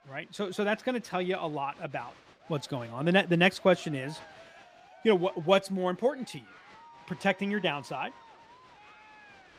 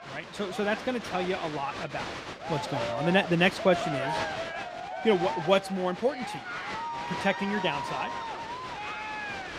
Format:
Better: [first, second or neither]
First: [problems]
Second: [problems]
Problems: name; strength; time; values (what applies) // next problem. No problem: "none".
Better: first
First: crowd noise; faint; throughout; 25 dB below the speech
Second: crowd noise; loud; throughout; 6 dB below the speech